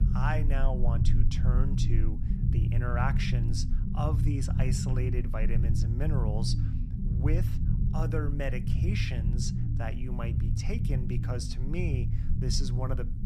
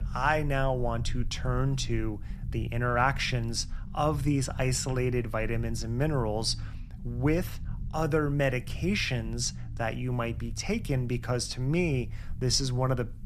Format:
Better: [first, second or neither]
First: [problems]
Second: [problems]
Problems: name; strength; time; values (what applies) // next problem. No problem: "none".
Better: second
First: low rumble; loud; throughout; 4 dB below the speech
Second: low rumble; faint; throughout; 20 dB below the speech